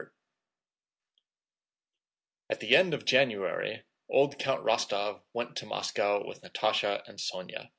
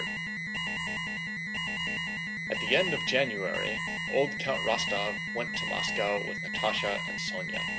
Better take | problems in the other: first | background sound (Alarm); as loud as the speech

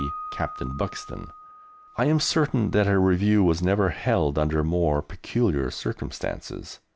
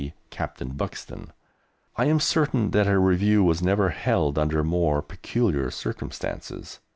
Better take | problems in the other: second | background sound (Piano); 19 dB below the speech

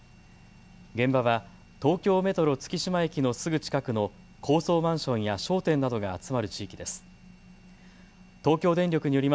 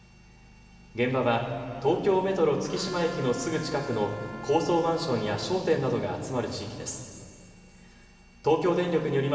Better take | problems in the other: first | background sound (Trumpet); 16 dB below the speech // room echo; dies away in 2.7 s

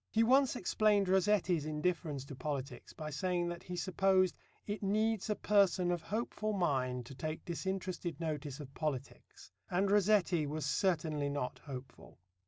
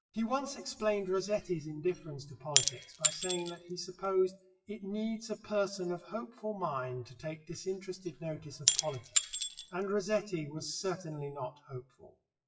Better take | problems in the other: first | noise reduction (classical method WPE with log-MMSE)

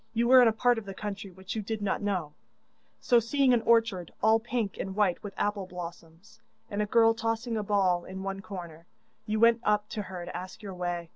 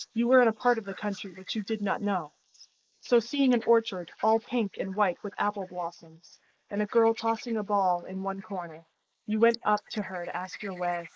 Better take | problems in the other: first | noise reduction (neural mask model Resemble Enhance denoiser)

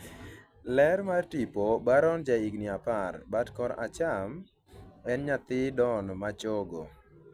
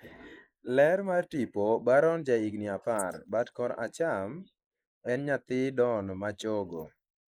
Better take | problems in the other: first | noise reduction (neural mask model Resemble Enhance denoiser)

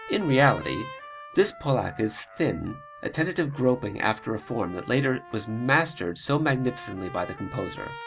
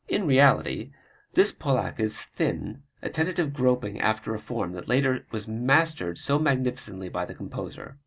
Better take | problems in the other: second | background sound (Trumpet); 17 dB below the speech

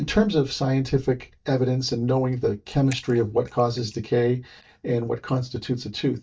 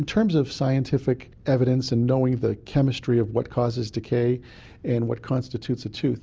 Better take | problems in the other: second | noise reduction (neural mask model DeepFilterNet 3)

